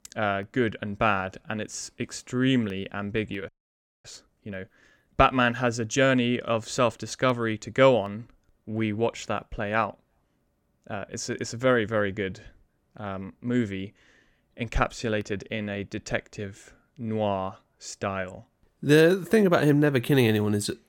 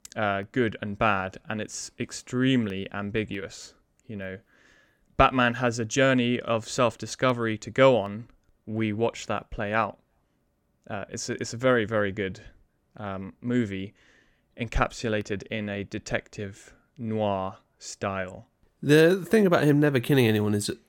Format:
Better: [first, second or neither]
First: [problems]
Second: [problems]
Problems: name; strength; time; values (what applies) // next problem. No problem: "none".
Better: second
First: audio freezing; at 3.5 s for 0.5 s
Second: none